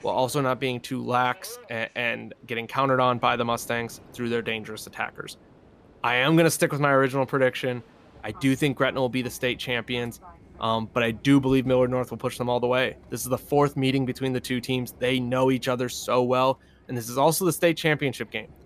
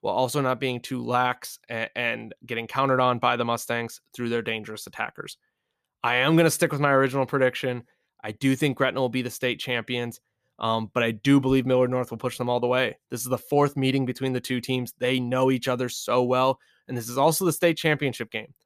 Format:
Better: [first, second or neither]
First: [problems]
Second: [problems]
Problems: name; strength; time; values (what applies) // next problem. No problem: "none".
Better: second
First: train or aircraft noise; faint; throughout; 25 dB below the speech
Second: none